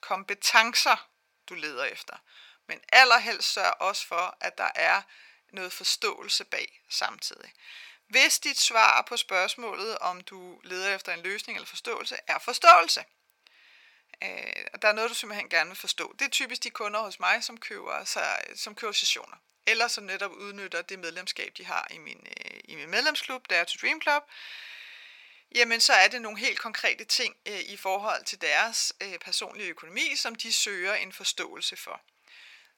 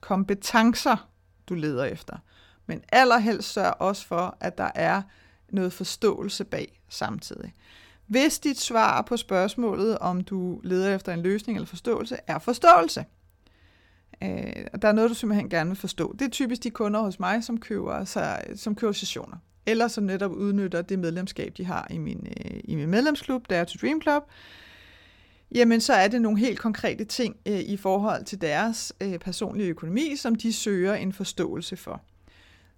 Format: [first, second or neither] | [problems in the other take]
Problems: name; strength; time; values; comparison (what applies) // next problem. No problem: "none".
second | thin; very; fading below 900 Hz